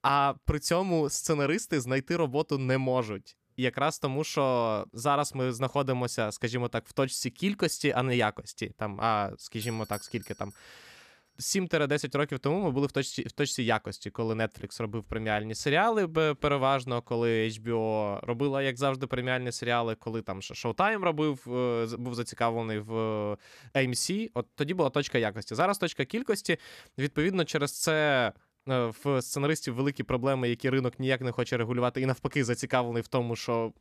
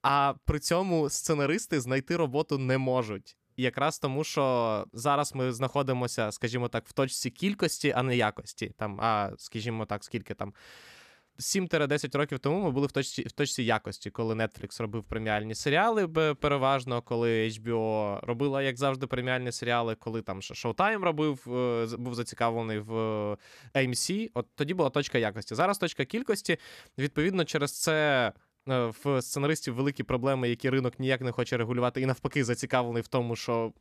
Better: second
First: doorbell; faint; at 9.5 s; peak 15 dB below the speech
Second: none

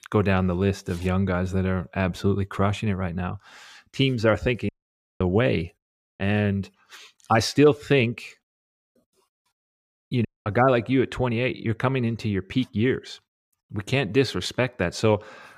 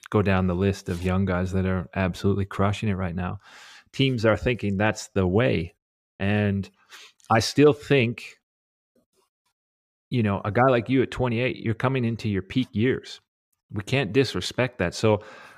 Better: second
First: audio cutting out; at 4.5 s for 0.5 s and at 10 s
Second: none

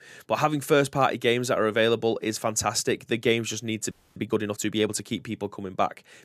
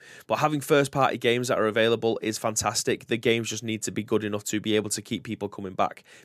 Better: second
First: audio freezing; at 4 s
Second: none

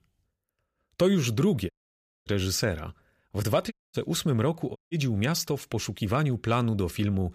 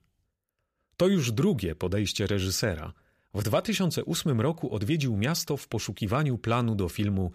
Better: second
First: audio cutting out; at 1.5 s for 0.5 s, at 3.5 s and at 5 s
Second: none

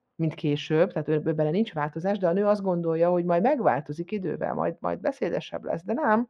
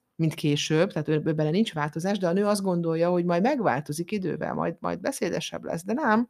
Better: second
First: muffled; very; fading above 2.5 kHz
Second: none

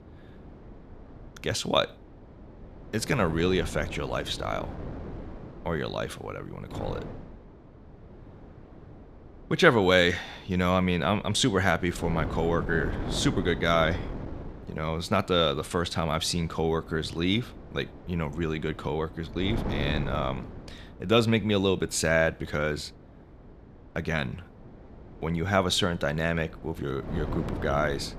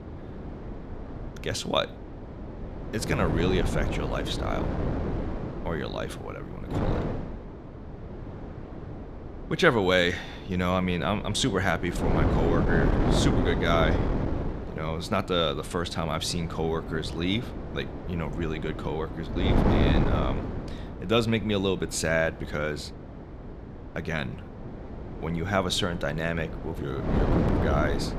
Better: first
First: wind noise on the microphone; occasional gusts; 15 dB below the speech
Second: wind noise on the microphone; heavy; 7 dB below the speech

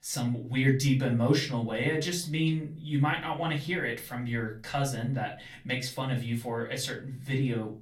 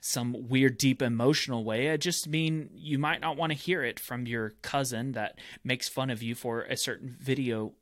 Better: second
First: off-mic speech; far // room echo; very slight; dies away in 0.3 s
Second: none

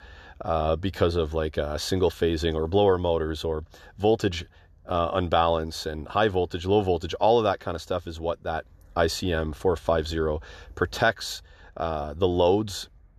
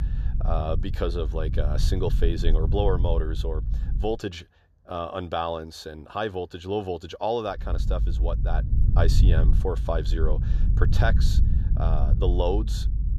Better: first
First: none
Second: low rumble; noticeable; until 4 s and from 7.5 s on; 10 dB below the speech

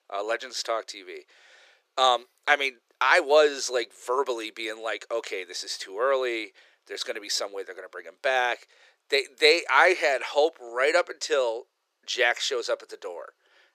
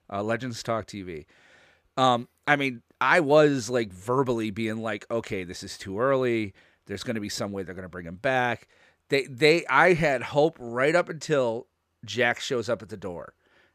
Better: second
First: thin; very; fading below 400 Hz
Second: none

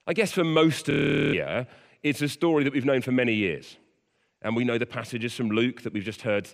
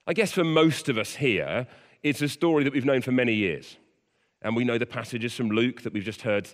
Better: second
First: audio freezing; at 1 s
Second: none

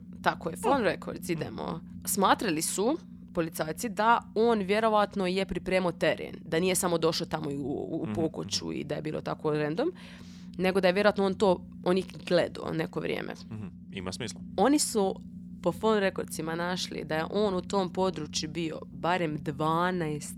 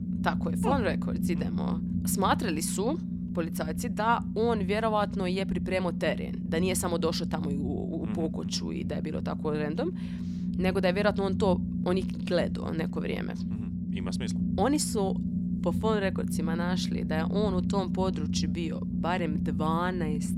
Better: first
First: low rumble; faint; throughout; 25 dB below the speech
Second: low rumble; loud; throughout; 8 dB below the speech

